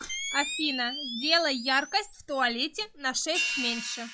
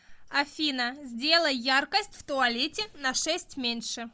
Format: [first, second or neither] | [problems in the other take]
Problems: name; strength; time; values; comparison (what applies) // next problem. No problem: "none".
second | noise reduction (classical method log-MMSE)